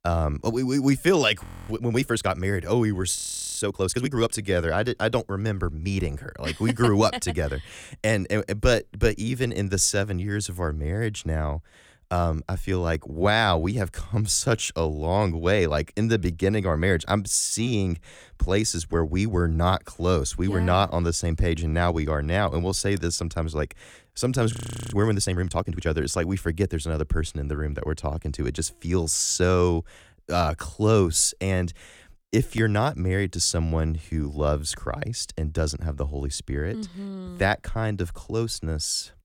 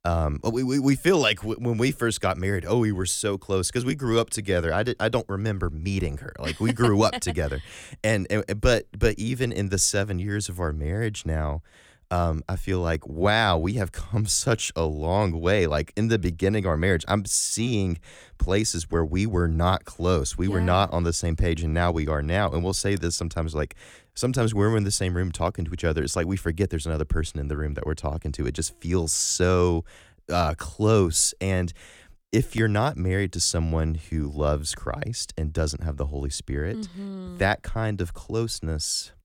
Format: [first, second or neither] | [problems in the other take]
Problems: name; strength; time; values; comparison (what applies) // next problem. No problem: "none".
second | audio freezing; at 1.5 s, at 3 s and at 25 s